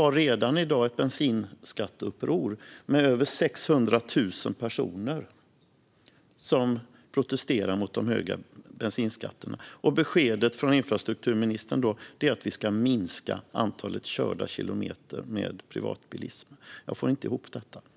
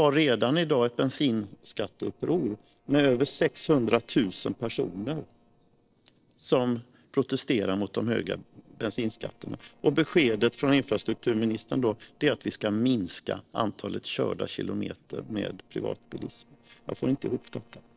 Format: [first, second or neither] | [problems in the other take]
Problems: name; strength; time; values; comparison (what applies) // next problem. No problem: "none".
first | noise reduction (neural separator model SepFormer DNS4)